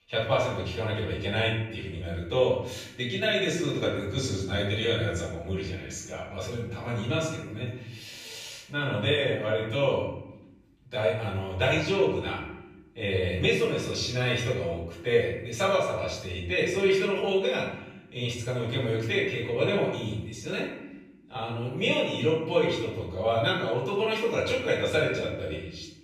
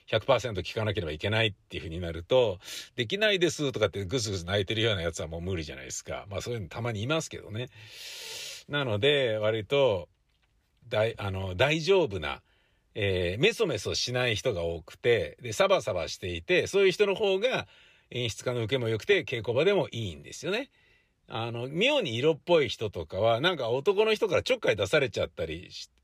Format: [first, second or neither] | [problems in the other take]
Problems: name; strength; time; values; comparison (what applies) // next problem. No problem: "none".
second | off-mic speech; far // room echo; noticeable; dies away in 0.9 s